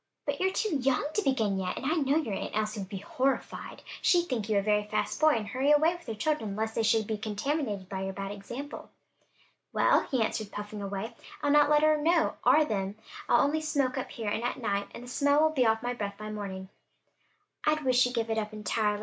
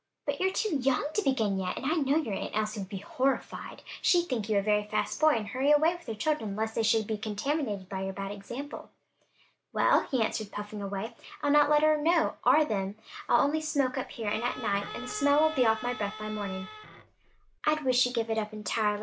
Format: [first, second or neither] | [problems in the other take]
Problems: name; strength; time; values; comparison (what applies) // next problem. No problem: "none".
first | background sound (Bowed string instrument); 13 dB below the speech